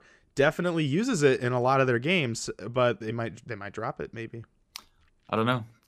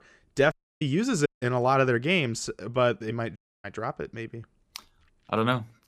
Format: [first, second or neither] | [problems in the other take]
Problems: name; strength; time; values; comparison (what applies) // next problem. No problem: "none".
first | audio cutting out; at 0.5 s, at 1.5 s and at 3.5 s